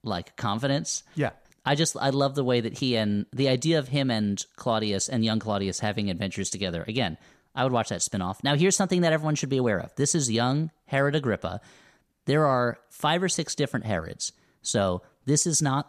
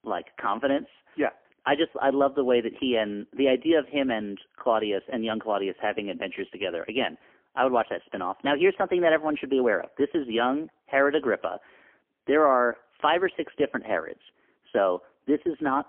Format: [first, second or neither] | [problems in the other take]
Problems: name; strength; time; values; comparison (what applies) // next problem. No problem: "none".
first | phone-call audio; poor line; nothing above 3 kHz